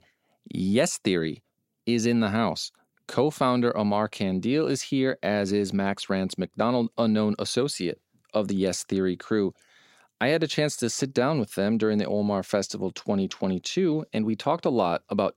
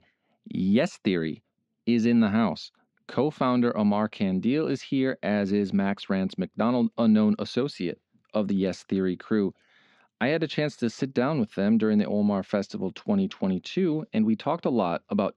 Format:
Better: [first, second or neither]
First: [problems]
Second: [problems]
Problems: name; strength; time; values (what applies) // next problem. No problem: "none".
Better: first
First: none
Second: muffled; very slightly; fading above 3 kHz